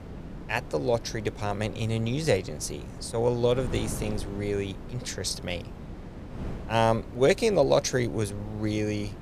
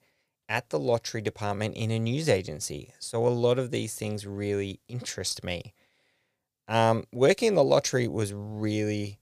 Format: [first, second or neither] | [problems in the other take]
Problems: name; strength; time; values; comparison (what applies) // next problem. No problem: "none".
second | wind noise on the microphone; occasional gusts; 15 dB below the speech